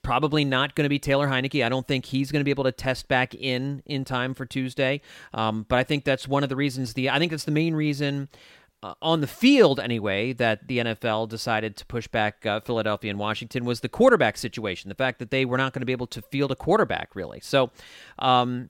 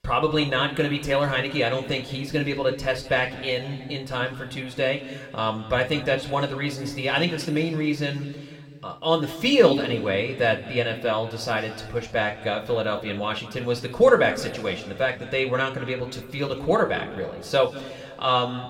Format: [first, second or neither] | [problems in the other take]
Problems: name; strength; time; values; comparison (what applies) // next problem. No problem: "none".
first | room echo; slight; dies away in 1.8 s